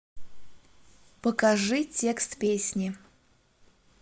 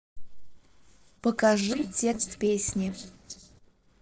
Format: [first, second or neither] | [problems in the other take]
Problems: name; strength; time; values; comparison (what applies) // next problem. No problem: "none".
first | noise reduction (neural separator model SepFormer DNS4)